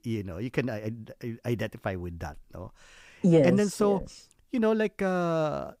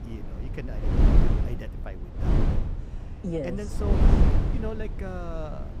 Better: first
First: none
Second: wind noise on the microphone; heavy; 3 dB above the speech

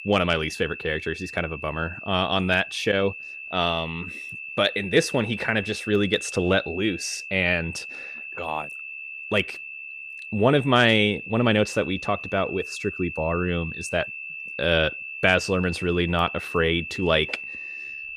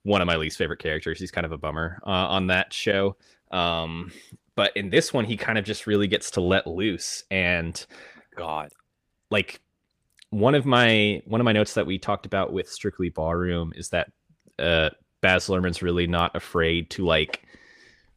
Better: second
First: high-pitched whine; loud; throughout; 2.5 kHz, 10 dB below the speech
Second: none

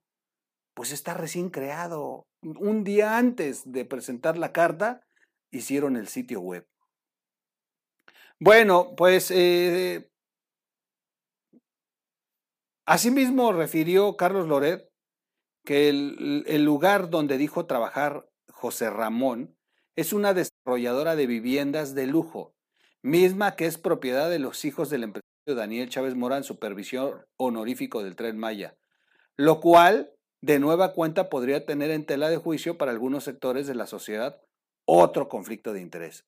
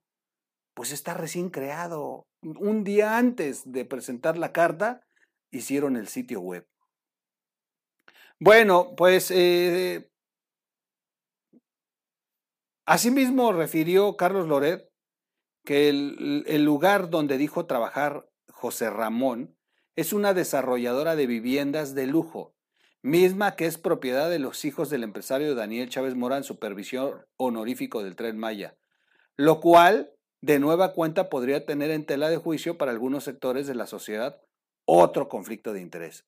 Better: second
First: audio cutting out; at 21 s and at 25 s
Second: none

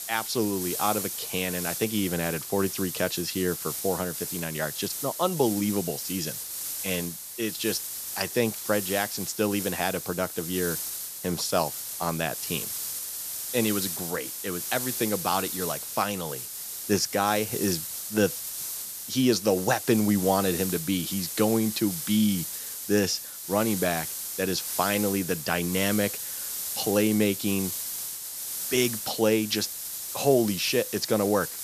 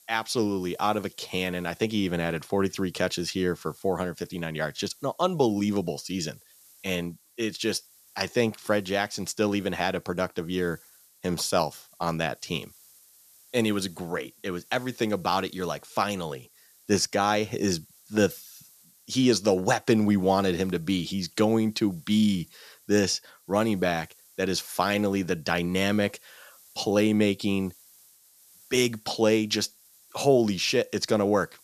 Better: second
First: hiss; loud; throughout; 4 dB below the speech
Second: hiss; faint; throughout; 25 dB below the speech

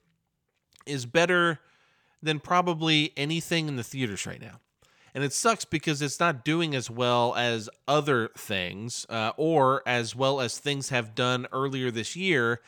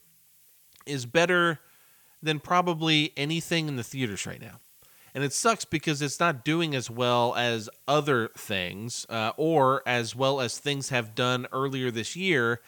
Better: first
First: none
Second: hiss; faint; throughout; 30 dB below the speech

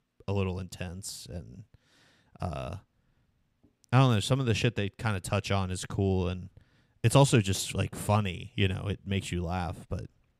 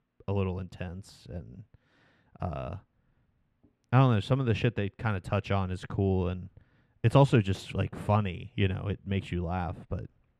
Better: first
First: none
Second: muffled; slightly; fading above 4 kHz

